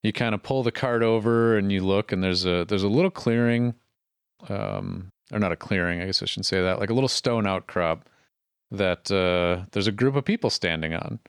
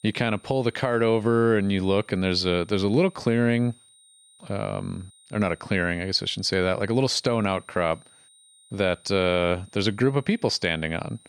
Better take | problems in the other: first | high-pitched whine; faint; throughout; 9 kHz, 30 dB below the speech

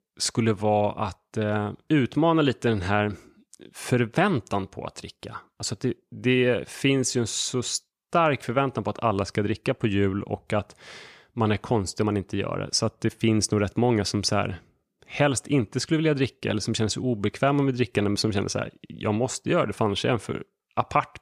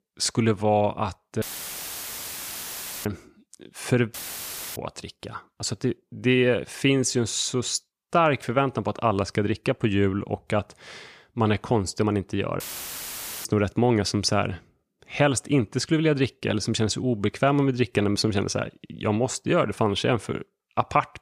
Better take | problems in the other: first | audio cutting out; filled with static; at 1.5 s for 1.5 s, at 4 s for 0.5 s and at 13 s for 1 s

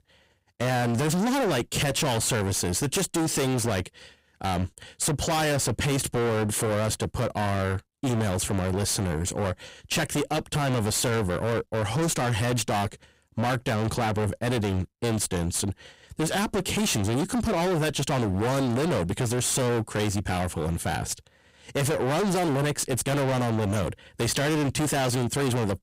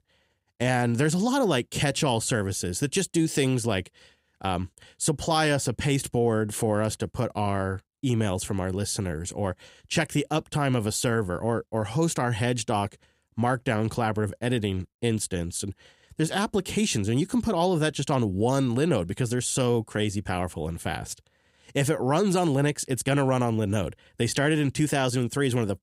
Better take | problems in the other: second | distortion; heavy; 36% of the sound clipped

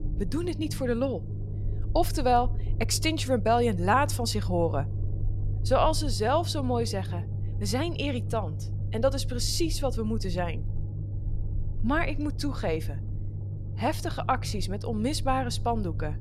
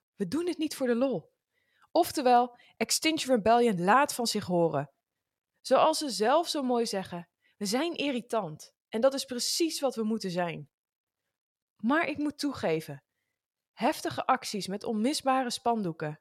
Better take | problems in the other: second | low rumble; noticeable; throughout; 20 dB below the speech

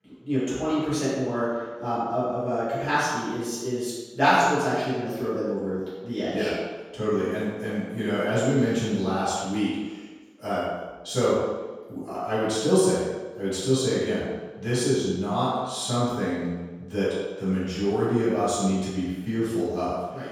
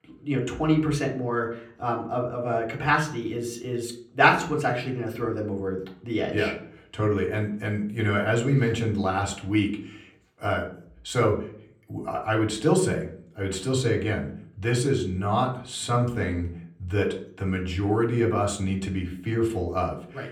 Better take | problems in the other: second | room echo; strong; dies away in 1.2 s; slight in the second // off-mic speech; far; far in the second

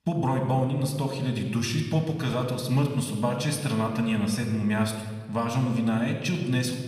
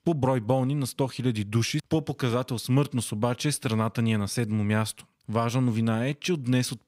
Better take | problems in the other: second | room echo; slight; dies away in 1.2 s // off-mic speech; somewhat distant

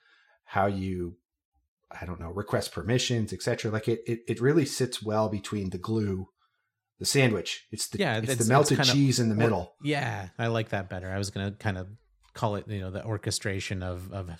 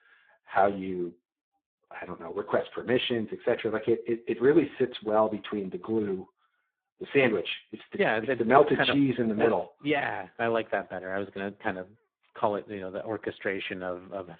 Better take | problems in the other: first | phone-call audio; poor line

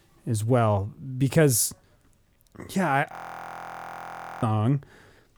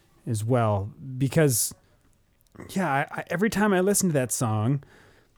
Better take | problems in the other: second | audio freezing; at 3 s for 1.5 s

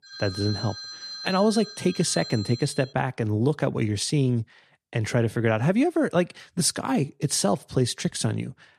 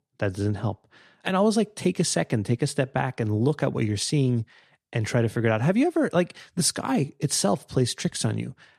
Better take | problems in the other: second | phone ringing; noticeable; until 3 s; peak 8 dB below the speech

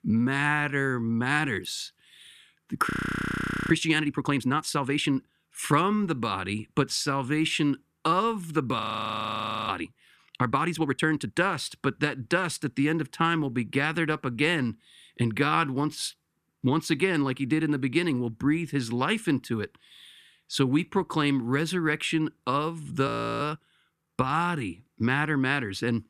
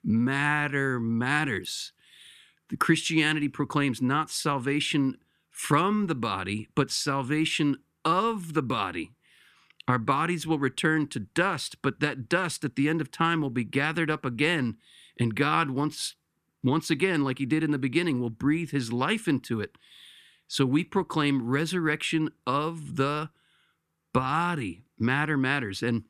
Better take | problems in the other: second | audio freezing; at 3 s for 1 s, at 9 s for 1 s and at 23 s

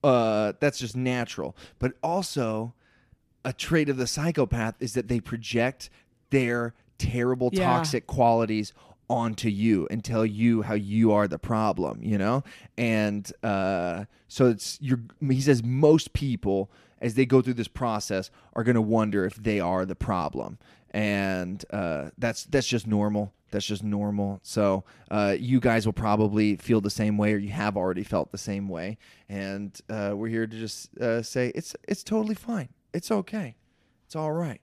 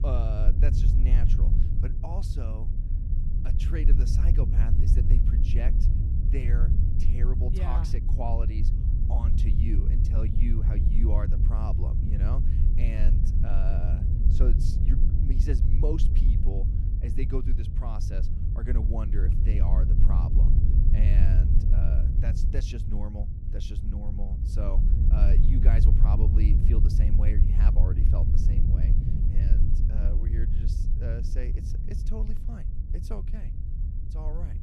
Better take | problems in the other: first | low rumble; loud; throughout; 1 dB below the speech

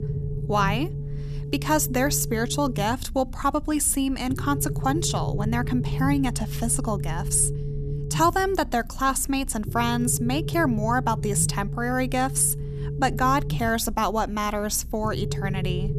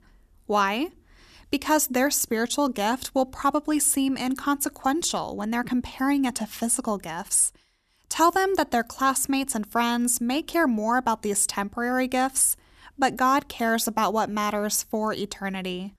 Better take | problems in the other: second | low rumble; noticeable; throughout; 15 dB below the speech

